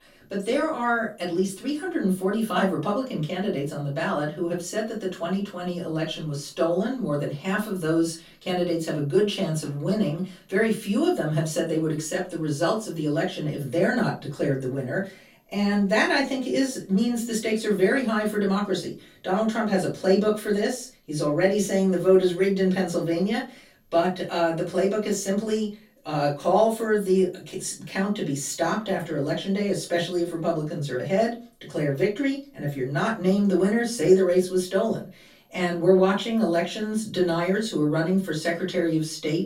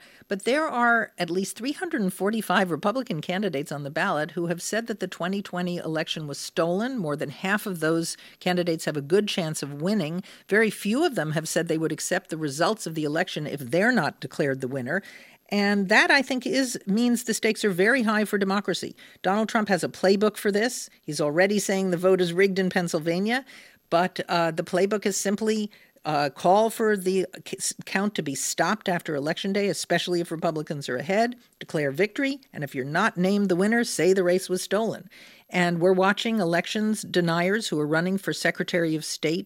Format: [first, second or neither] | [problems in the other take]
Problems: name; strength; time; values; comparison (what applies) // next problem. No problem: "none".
second | off-mic speech; far // room echo; slight; dies away in 0.2 s